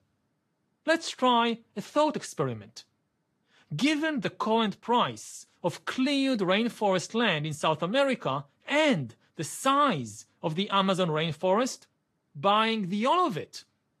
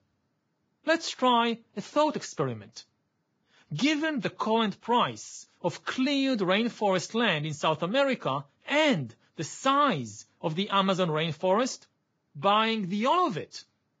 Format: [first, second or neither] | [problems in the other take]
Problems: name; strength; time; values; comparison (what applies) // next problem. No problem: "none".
first | garbled, watery; badly; nothing above 7.5 kHz; slightly in the first